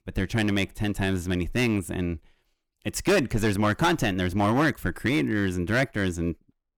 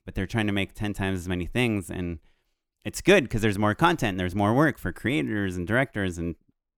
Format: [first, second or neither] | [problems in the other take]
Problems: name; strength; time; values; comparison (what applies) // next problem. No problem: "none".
second | distortion; heavy; 6% of the sound clipped